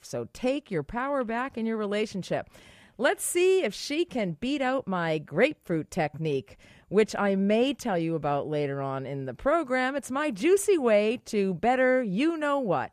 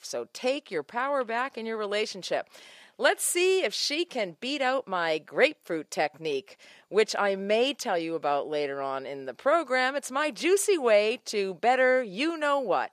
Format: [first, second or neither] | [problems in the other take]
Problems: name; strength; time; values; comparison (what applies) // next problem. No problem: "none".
first | thin; somewhat; fading below 400 Hz